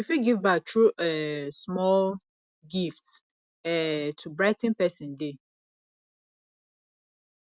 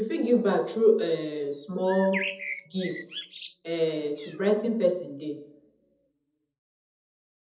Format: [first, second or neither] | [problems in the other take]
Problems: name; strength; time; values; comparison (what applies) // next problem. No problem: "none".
first | background sound (Bird); 10 dB below the speech // room echo; dies away in 0.7 s